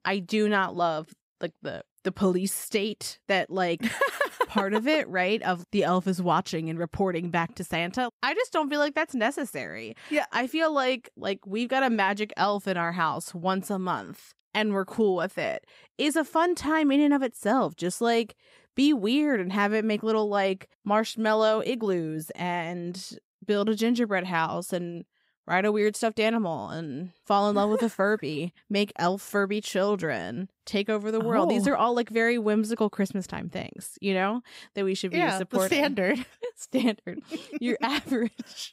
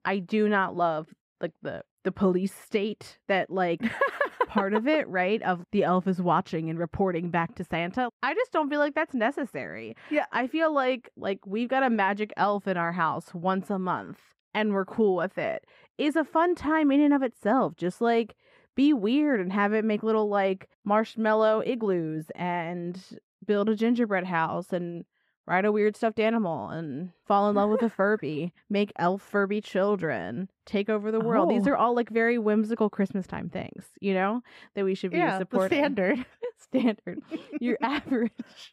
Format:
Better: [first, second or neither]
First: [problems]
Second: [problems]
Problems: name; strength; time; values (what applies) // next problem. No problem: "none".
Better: first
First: none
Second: muffled; slightly; fading above 3.5 kHz